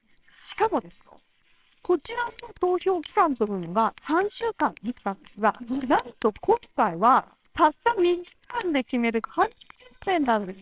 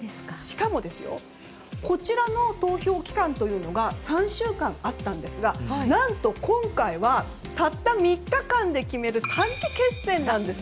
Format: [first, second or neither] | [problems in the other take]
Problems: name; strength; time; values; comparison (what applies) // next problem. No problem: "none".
second | noise reduction (neural separator model SepFormer WHAMR!)